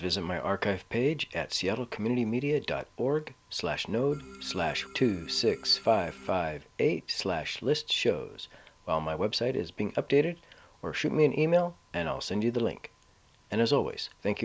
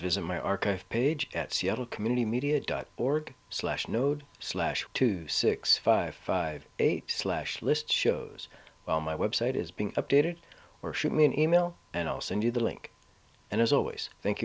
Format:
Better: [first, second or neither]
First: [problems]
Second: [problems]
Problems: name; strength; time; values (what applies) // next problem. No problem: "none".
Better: second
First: background sound (Organ); 18 dB below the speech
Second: none